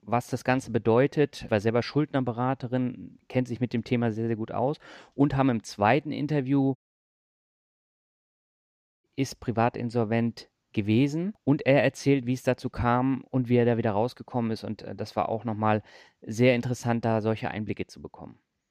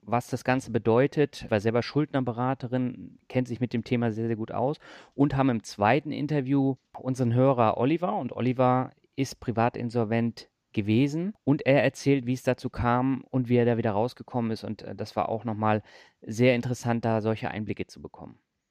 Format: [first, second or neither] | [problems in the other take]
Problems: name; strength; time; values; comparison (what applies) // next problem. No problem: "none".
second | audio cutting out; at 7 s for 2.5 s